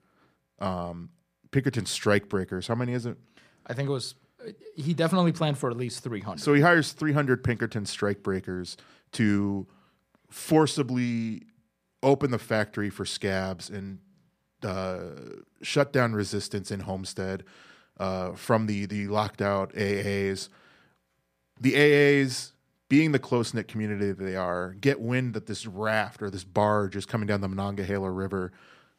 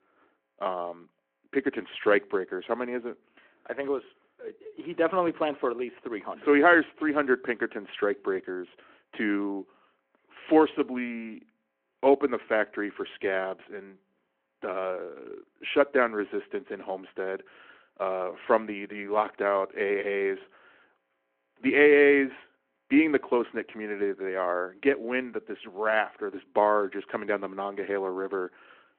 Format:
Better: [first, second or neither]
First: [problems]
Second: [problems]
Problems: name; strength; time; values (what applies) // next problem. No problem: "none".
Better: first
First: none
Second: phone-call audio